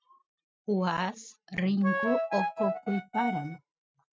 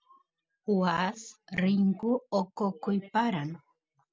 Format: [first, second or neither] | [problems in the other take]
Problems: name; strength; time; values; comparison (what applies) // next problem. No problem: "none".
second | noise reduction (neural mask model RNNoise)